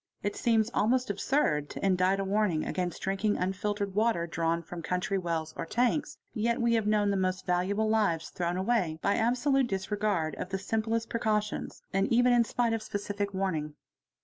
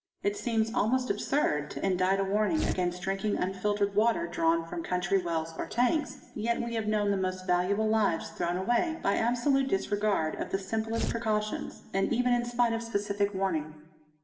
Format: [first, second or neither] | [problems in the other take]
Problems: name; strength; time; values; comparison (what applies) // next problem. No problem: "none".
first | background sound (Tearing); 5 dB below the speech // room echo; dies away in 0.9 s